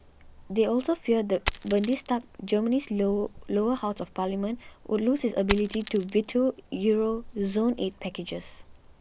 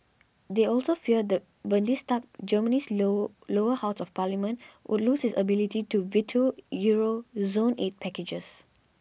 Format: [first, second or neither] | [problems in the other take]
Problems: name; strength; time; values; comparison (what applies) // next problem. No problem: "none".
second | background sound (Coin (dropping)); 14 dB below the speech